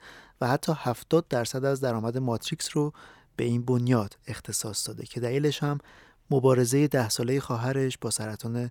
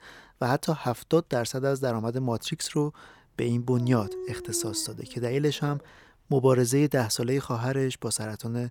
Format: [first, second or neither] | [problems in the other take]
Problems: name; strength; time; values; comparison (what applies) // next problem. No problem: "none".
first | dog barking; noticeable; from 4 to 6 s; peak 9 dB below the speech